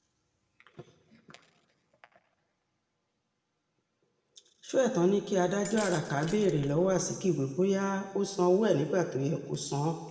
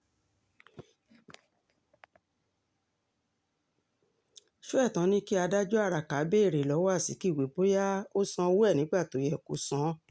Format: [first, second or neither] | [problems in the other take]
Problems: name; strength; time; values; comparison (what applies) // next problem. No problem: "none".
second | background sound (Glass); 15 dB below the speech // room echo; dies away in 1.4 s